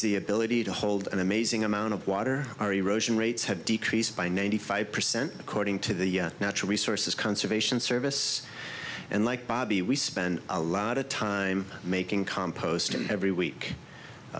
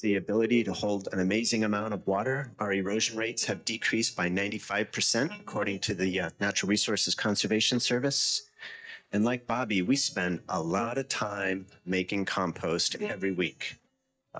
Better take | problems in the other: first | noise reduction (neural mask model DeepFilterNet 3)

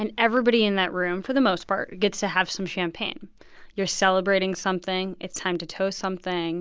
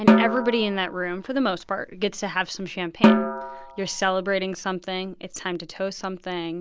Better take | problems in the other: first | background sound (Snare drum); 2 dB above the speech

